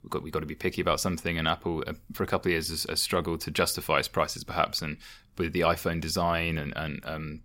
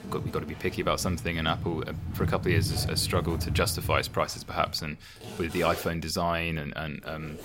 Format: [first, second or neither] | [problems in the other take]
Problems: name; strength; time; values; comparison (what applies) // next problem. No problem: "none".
first | household noises; loud; throughout; 5 dB below the speech